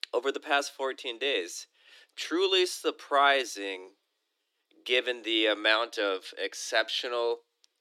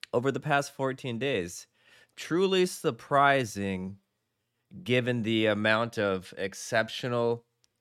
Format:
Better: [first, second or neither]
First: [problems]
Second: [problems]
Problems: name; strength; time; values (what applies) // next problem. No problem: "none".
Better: second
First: thin; very; fading below 300 Hz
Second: none